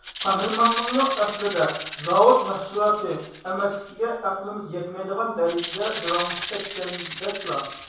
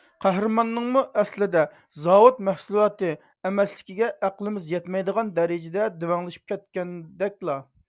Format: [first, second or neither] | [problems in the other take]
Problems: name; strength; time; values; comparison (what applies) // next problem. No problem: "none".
second | background sound (Rattle (instrument)); 11 dB below the speech // room echo; dies away in 0.7 s